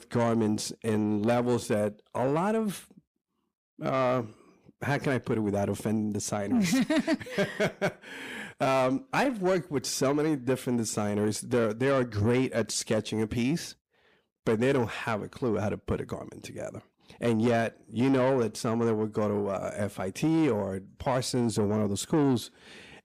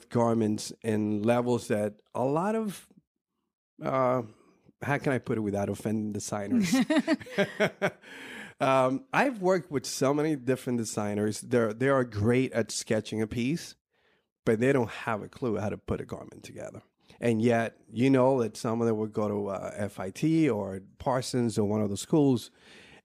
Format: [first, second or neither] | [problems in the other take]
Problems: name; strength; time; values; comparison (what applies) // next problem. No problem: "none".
second | distortion; slight; 10 dB below the speech